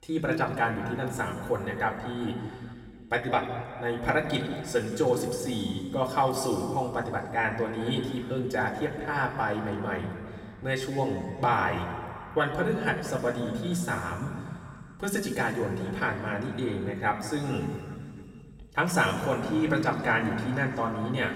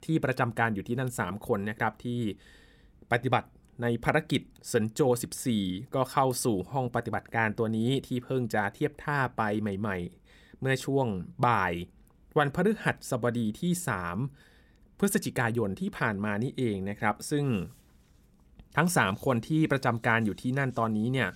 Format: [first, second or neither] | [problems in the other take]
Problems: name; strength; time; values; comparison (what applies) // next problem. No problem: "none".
second | room echo; noticeable; dies away in 2.2 s // off-mic speech; somewhat distant